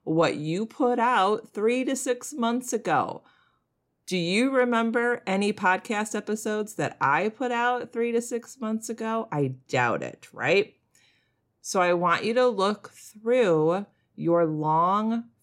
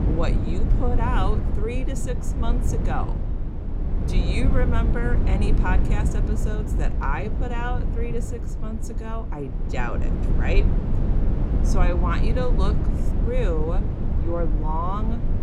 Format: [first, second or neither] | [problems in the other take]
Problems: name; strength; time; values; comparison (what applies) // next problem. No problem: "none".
first | low rumble; loud; throughout; 5 dB below the speech